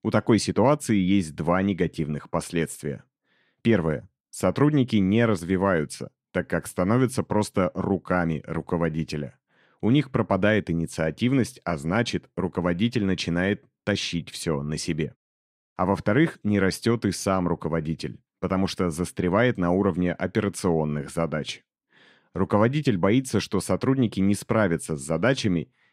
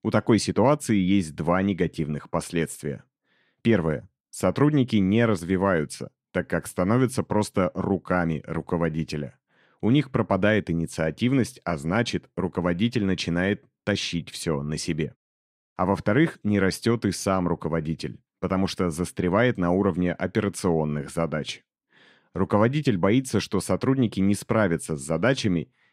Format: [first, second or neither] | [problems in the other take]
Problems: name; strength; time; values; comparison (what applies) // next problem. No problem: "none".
neither | none